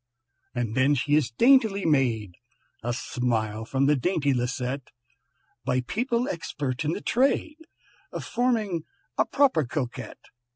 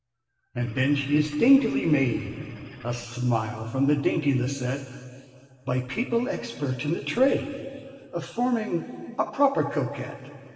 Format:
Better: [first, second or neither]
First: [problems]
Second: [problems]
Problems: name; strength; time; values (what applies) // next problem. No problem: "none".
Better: first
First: none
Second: background sound (Engine / Boat, Water vehicle); 18 dB below the speech // room echo; dies away in 2.4 s